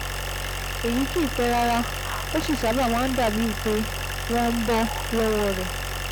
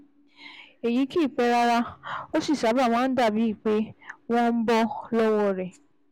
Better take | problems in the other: second | background sound (Idling); 3 dB below the speech

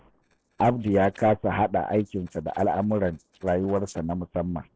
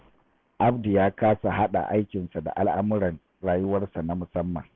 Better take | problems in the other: second | noise reduction (neural separator model SepFormer DNS4)

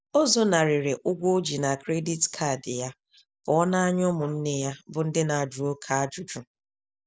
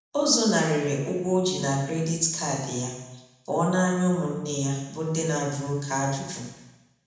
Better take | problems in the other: first | room echo; dies away in 1 s

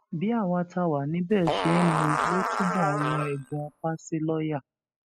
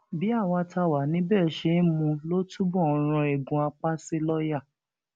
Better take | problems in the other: second | noise reduction (classical method spectral subtraction)

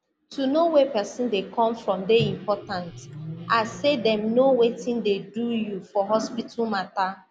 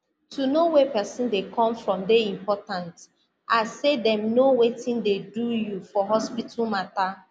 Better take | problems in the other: second | background sound (Microwave oven); 13 dB below the speech

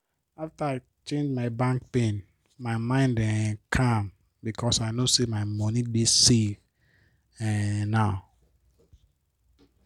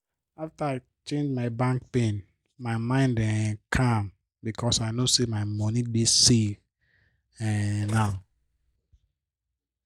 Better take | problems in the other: first | noise reduction (neural mask model DeepFilterNet 3)

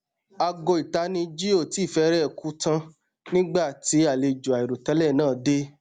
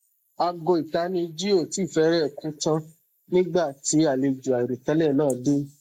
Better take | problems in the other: first | noise reduction (neural mask model Resemble Enhance denoiser)

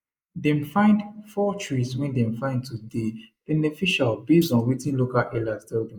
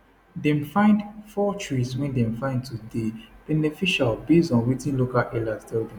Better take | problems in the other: second | noise reduction (neural mask model Resemble Enhance denoiser)

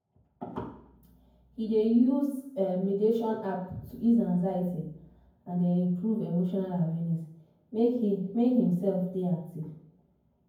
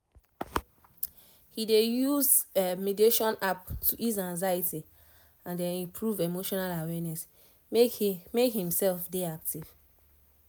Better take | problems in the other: second | room echo; dies away in 0.9 s

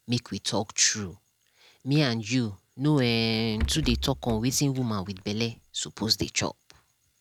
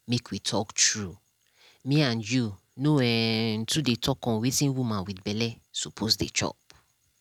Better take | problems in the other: second | background sound (Rattle / Breathing); 9 dB below the speech

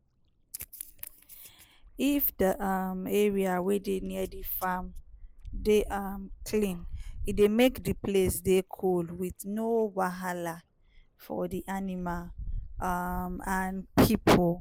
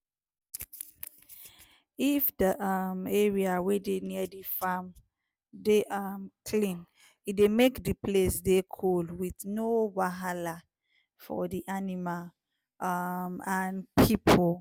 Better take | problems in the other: second | noise reduction (neural mask model Resemble Enhance denoiser)

